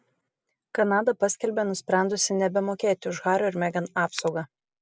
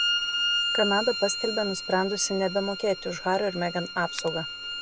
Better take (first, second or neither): first